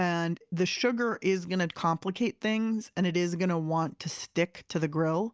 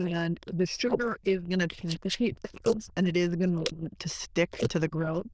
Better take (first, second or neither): first